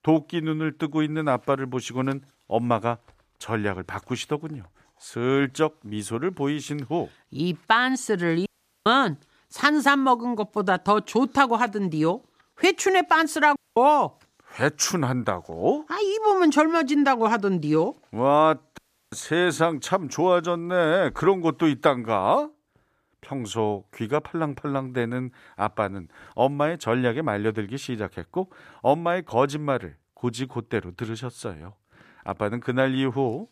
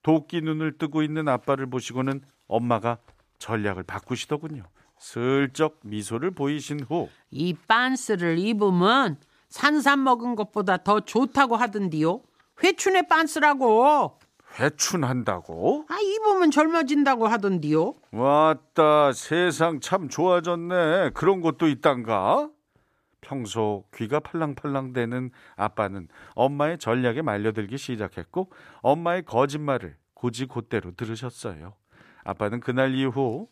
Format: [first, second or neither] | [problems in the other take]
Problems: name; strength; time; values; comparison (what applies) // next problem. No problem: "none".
second | audio cutting out; at 8.5 s, at 14 s and at 19 s